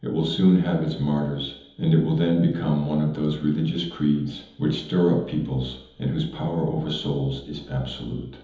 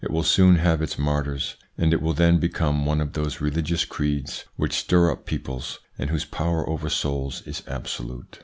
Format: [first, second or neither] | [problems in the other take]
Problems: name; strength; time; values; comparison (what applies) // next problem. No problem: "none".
second | room echo; dies away in 1.3 s